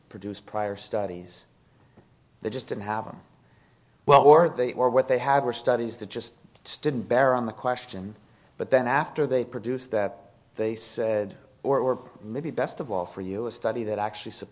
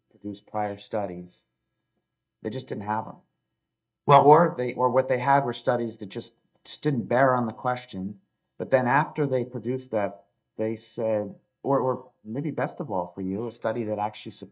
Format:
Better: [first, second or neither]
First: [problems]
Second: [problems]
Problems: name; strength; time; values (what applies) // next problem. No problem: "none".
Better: first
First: none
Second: noise reduction (neural mask model DeepFilterNet 3)